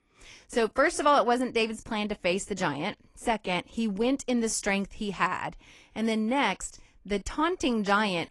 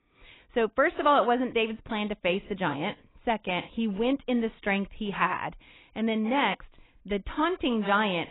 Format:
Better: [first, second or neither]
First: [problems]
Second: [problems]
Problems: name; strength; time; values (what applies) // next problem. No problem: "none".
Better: first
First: garbled, watery; slightly; nothing above 10.5 kHz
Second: garbled, watery; badly; nothing above 3.5 kHz